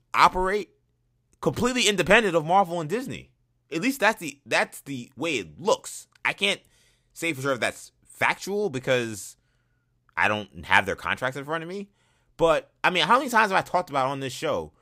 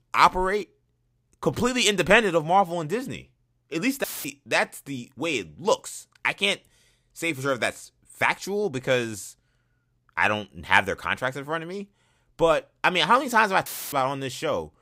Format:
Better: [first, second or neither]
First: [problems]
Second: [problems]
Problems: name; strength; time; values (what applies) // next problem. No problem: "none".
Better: first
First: none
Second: audio cutting out; filled with static; at 4 s and at 14 s